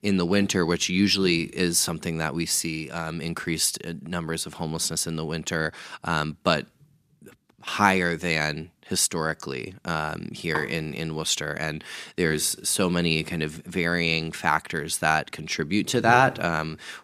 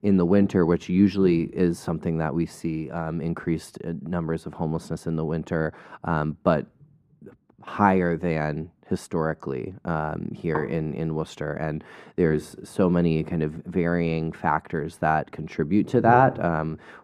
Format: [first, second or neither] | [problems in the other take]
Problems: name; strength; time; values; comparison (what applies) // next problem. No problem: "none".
first | muffled; very; fading above 2 kHz